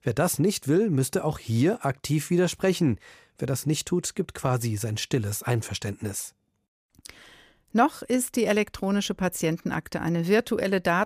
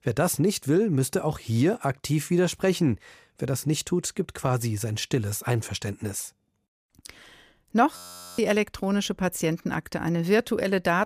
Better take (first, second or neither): first